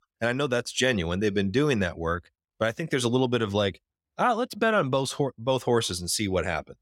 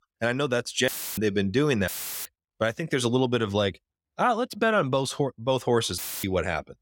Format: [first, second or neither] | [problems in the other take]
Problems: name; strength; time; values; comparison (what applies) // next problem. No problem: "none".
first | audio cutting out; filled with static; at 1 s, at 2 s and at 6 s